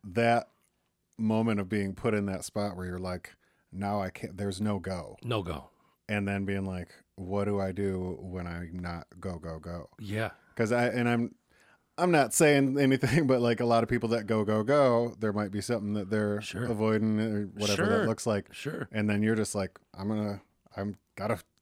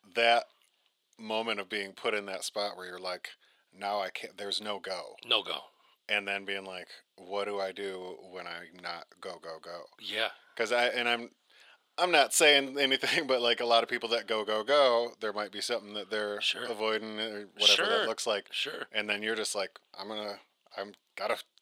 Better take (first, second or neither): first